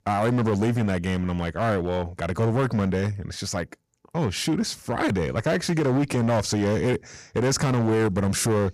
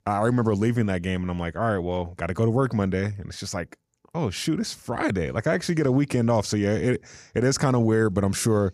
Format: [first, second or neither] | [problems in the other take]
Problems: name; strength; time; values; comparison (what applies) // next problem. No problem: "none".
second | distortion; slight; 14% of the sound clipped